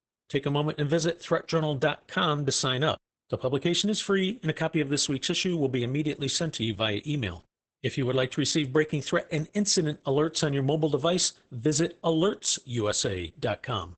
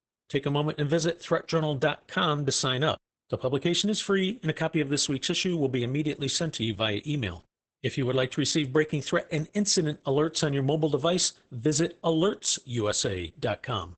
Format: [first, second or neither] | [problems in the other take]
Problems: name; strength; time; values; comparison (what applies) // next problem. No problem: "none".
neither | garbled, watery; badly; nothing above 8 kHz; the same in both